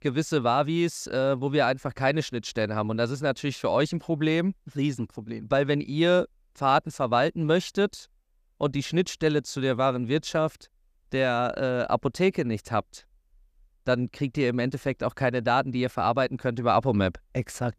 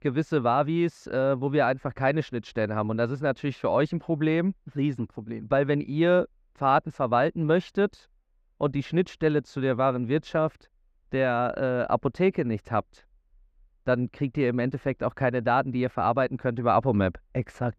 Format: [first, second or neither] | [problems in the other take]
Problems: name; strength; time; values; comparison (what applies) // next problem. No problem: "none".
first | muffled; slightly; fading above 4 kHz